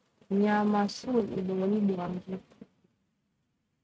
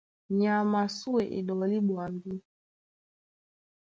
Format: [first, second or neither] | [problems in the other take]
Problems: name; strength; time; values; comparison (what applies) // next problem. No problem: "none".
second | noise reduction (neural mask model RNNoise)